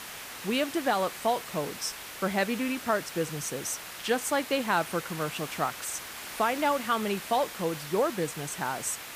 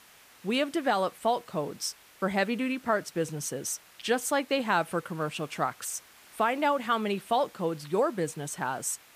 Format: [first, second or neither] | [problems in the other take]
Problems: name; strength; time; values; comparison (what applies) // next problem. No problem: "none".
second | hiss; loud; throughout; 9 dB below the speech; faint in the second